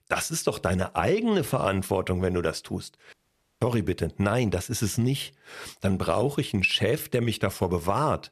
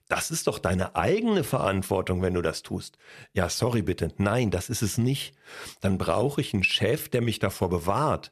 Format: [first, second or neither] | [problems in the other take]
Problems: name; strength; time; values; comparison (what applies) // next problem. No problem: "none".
second | audio cutting out; at 3 s